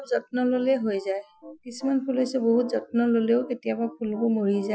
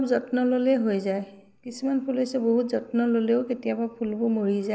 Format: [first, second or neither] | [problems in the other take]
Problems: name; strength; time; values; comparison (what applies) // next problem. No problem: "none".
second | noise reduction (classical method Wiener filter)